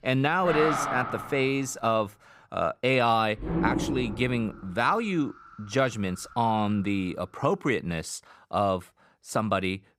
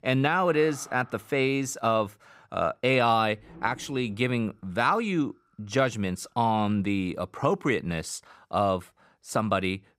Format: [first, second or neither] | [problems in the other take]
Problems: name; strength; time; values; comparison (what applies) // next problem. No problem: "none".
second | animal sounds; loud; until 7 s; 4 dB below the speech; faint in the second